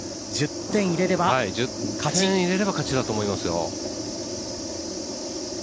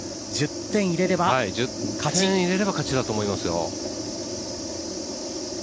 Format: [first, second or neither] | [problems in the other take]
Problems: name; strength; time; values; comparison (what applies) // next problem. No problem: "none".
second | background sound (Thunder); 18 dB below the speech